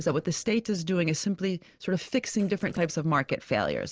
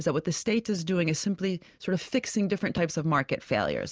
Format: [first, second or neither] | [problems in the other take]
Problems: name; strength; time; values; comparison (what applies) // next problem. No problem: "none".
second | noise reduction (neural separator model SepFormer DNS4)